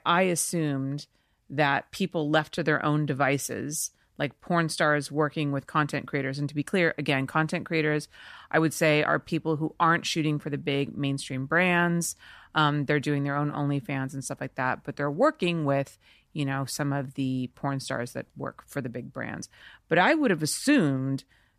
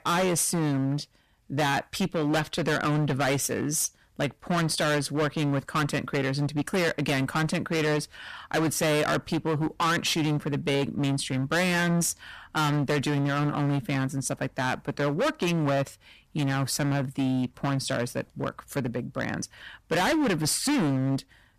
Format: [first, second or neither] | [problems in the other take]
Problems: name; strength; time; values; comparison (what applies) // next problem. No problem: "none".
first | distortion; heavy; 20% of the sound clipped